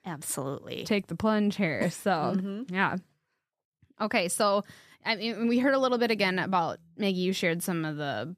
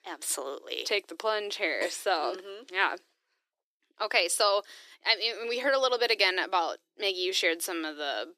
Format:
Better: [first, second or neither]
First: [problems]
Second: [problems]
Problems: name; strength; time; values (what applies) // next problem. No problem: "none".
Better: first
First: none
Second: thin; very; fading below 300 Hz